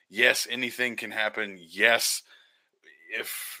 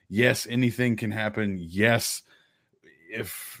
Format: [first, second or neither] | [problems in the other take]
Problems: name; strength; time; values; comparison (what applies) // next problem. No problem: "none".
second | thin; very; fading below 550 Hz